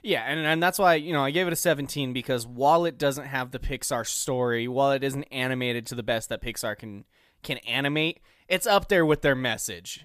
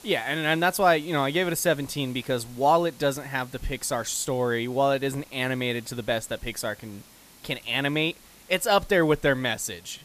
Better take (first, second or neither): first